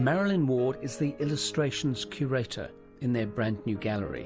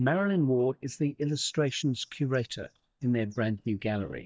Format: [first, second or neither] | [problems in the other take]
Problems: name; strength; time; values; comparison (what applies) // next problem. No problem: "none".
first | noise reduction (neural mask model DeepFilterNet 3)